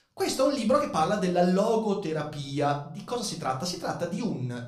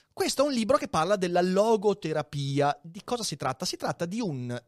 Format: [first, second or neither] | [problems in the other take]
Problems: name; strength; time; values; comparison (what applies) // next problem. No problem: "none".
second | room echo; slight; dies away in 0.4 s // off-mic speech; somewhat distant